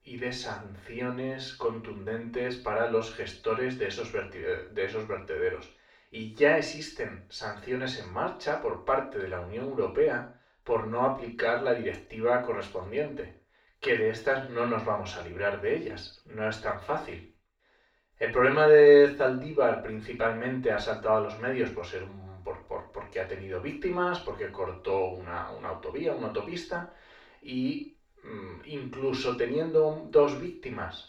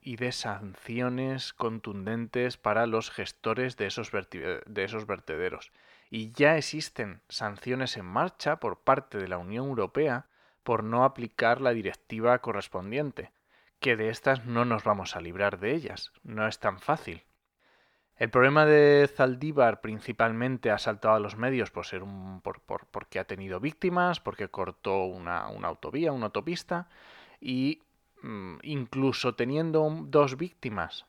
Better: second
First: room echo; slight; dies away in 0.4 s // off-mic speech; far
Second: none

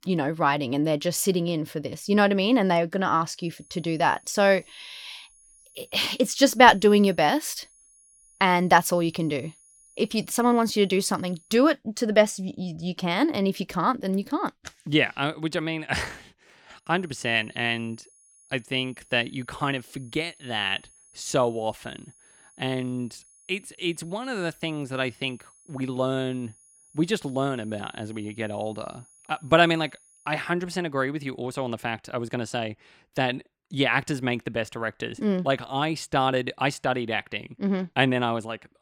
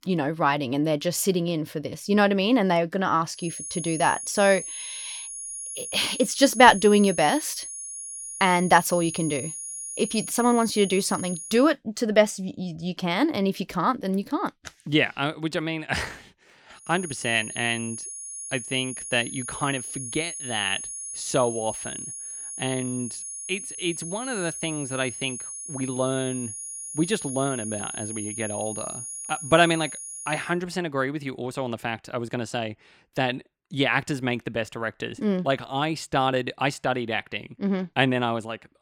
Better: first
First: high-pitched whine; faint; from 3.5 to 12 s and from 17 to 30 s; 10.5 kHz, 30 dB below the speech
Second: high-pitched whine; loud; from 3.5 to 12 s and from 17 to 30 s; 10.5 kHz, 8 dB below the speech

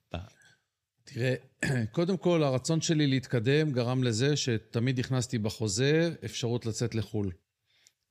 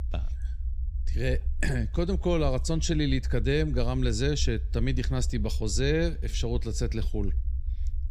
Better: first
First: none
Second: low rumble; faint; throughout; 20 dB below the speech

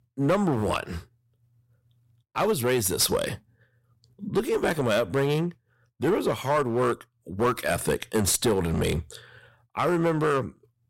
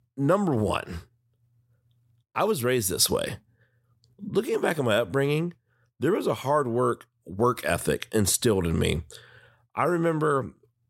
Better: second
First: distortion; slight; 6% of the sound clipped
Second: none

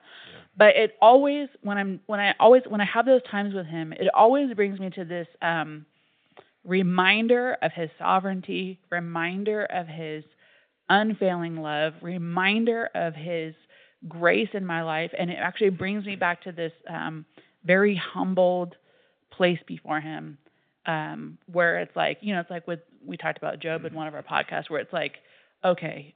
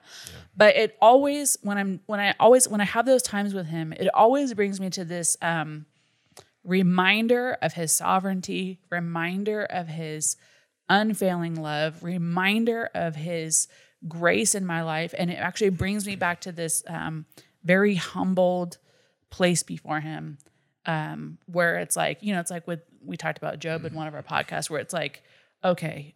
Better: second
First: phone-call audio; nothing above 3.5 kHz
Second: none

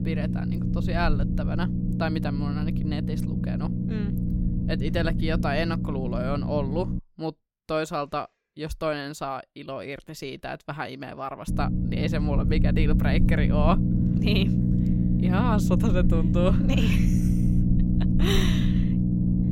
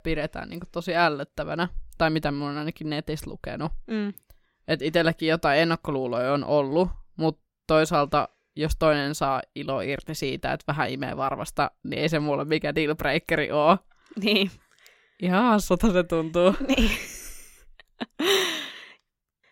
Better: second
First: low rumble; loud; until 7 s and from 11 s on; 3 dB below the speech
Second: none

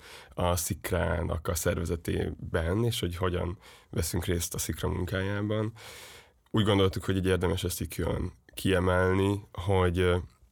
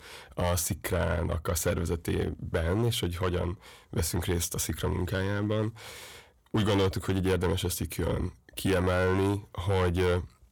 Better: first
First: none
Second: distortion; slight; 6% of the sound clipped

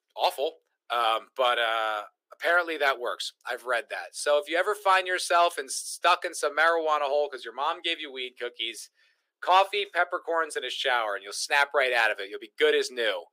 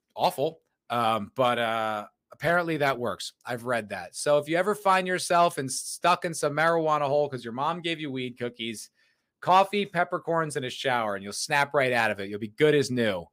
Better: second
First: thin; very; fading below 350 Hz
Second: none

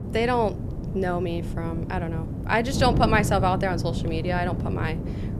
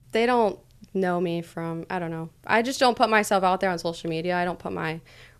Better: second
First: wind noise on the microphone; occasional gusts; 10 dB below the speech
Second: none

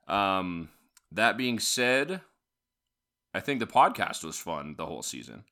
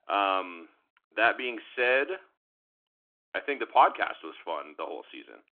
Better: first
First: none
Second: phone-call audio

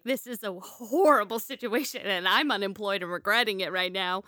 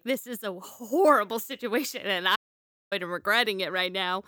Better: first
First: none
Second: audio cutting out; at 2.5 s for 0.5 s

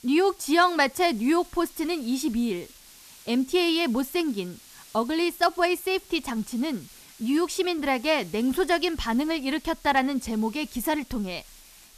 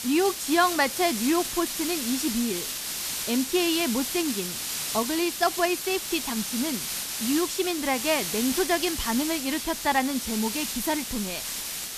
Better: first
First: hiss; faint; throughout; 25 dB below the speech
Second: hiss; loud; throughout; 3 dB below the speech

